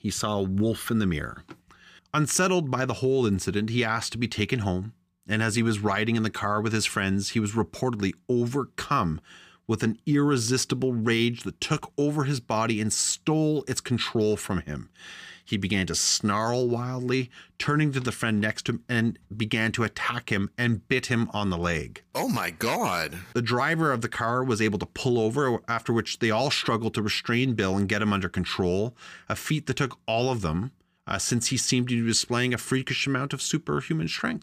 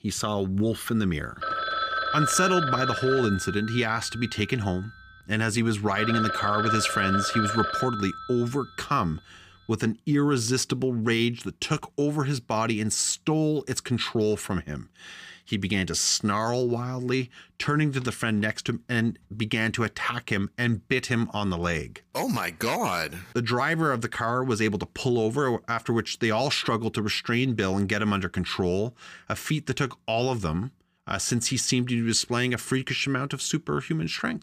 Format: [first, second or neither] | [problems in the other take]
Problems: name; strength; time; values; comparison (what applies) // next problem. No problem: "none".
first | phone ringing; loud; from 1.5 to 8.5 s; peak 1 dB above the speech